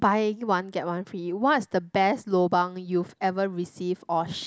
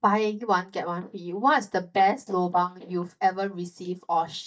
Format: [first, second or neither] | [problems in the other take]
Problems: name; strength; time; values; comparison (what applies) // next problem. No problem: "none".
first | noise reduction (neural mask model DeepFilterNet 3)